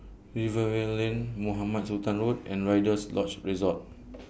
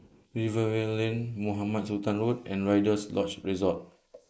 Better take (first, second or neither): first